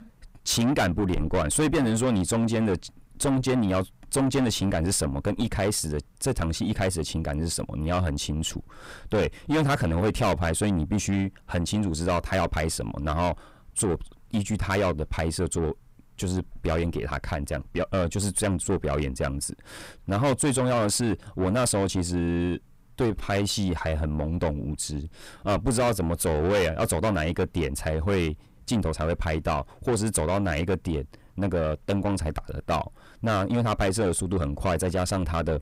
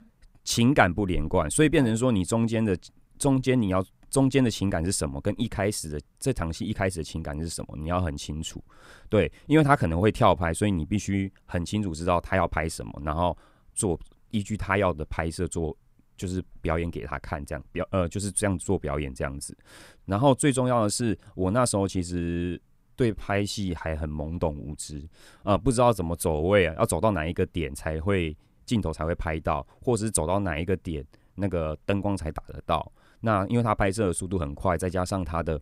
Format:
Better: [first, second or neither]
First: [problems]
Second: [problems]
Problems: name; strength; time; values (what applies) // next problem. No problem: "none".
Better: second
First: distortion; heavy; 6 dB below the speech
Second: none